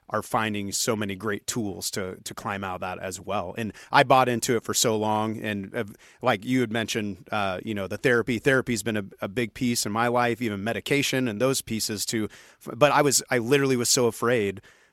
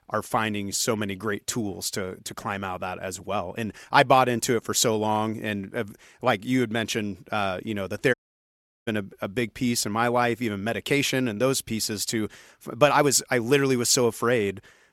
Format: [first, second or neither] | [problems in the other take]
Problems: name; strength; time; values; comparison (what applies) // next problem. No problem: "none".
first | audio cutting out; at 8 s for 0.5 s